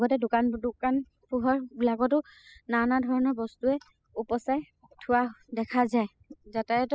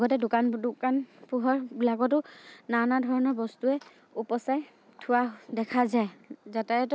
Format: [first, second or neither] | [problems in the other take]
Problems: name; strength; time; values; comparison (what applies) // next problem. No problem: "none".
second | noise reduction (classical method spectral subtraction)